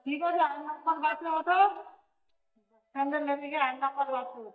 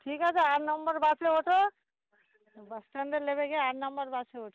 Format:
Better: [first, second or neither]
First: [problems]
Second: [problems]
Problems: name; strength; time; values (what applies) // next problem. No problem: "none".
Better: second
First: noise reduction (neural mask model DeepFilterNet 3)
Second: none